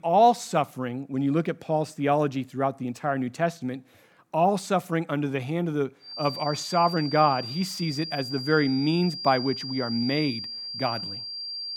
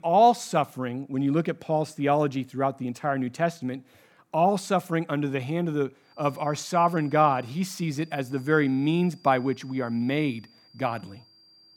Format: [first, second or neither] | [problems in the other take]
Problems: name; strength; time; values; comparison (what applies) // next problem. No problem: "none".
second | high-pitched whine; loud; from 6 s on; 5 kHz, 7 dB below the speech; faint in the second